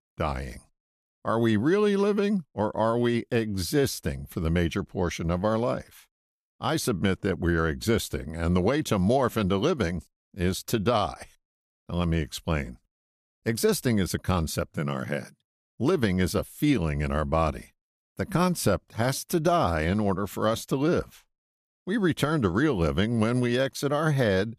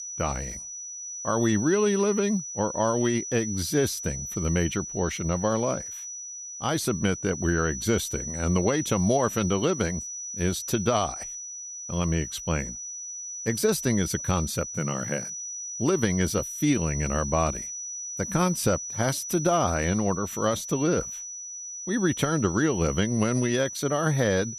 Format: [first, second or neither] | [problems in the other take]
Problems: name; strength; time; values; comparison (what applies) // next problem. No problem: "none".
first | high-pitched whine; loud; throughout; 6 kHz, 7 dB below the speech